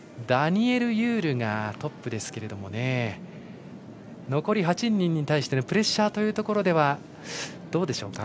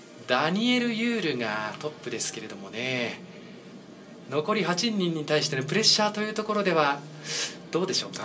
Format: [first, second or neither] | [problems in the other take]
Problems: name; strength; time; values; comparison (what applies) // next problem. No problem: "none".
first | room echo; dies away in 0.2 s